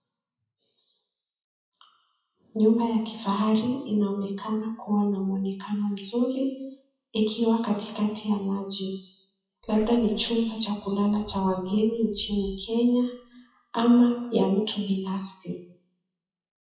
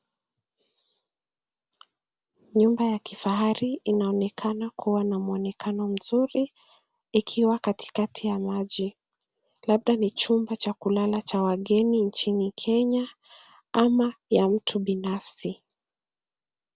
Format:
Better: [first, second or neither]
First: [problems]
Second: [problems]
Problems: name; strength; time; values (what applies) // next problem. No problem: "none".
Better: second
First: noise reduction (classical method WPE with log-MMSE)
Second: none